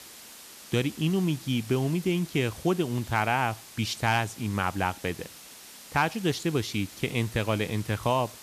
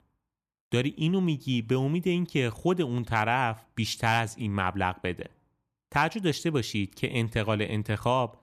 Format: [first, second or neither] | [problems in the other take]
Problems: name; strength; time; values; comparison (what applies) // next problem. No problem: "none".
second | hiss; noticeable; throughout; 15 dB below the speech